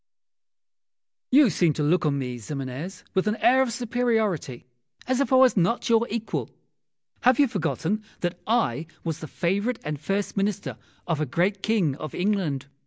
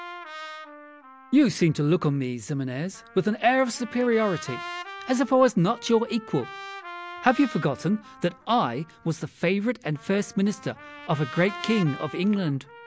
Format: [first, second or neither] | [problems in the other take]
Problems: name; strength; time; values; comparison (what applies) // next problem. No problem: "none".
first | background sound (Trumpet); 16 dB below the speech